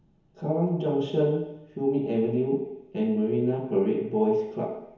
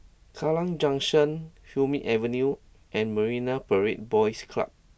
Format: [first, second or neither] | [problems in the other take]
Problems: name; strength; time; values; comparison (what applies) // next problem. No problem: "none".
second | room echo; dies away in 1 s